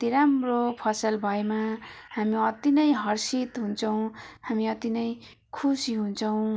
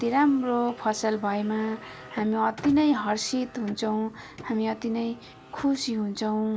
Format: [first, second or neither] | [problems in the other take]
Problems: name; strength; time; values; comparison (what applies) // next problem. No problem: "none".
first | background sound (Car); 19 dB below the speech